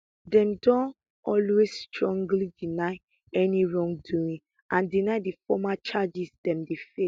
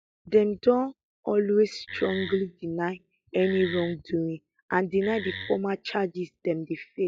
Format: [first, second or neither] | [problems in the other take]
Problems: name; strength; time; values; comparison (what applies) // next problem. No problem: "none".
first | noise reduction (classical method log-MMSE)